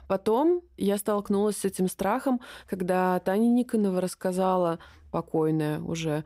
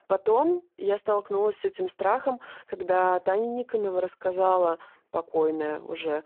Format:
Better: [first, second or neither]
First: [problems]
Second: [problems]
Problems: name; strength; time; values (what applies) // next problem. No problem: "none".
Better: first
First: none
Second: phone-call audio; poor line